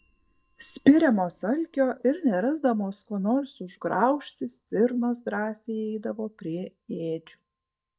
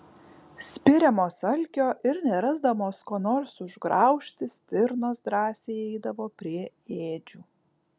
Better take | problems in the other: second | noise reduction (neural mask model DeepFilterNet 3)

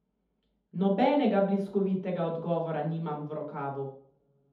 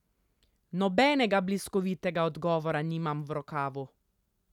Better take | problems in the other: second | room echo; dies away in 0.6 s

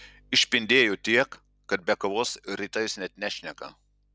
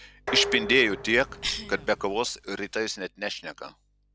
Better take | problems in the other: first | background sound (Cough + Dishes, pots, and pans); 8 dB below the speech

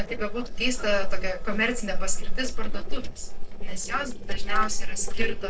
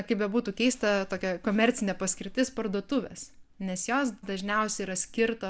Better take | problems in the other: second | noise reduction (neural separator model SepFormer DNS4)

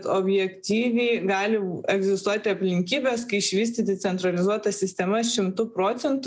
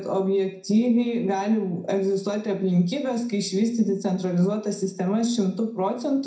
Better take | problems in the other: first | room echo; dies away in 0.4 s

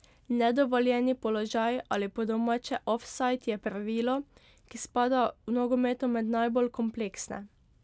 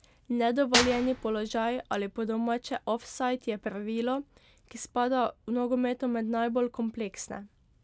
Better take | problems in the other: first | background sound (Clapping / Drum kit); 4 dB below the speech

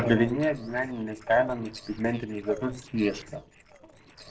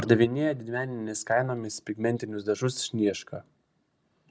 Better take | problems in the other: second | noise reduction (neural separator model SepFormer DNS4)

